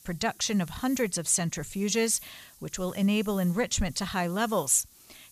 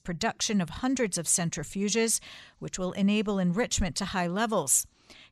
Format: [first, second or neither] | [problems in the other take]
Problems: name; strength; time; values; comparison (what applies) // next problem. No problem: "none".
second | hiss; faint; throughout; 20 dB below the speech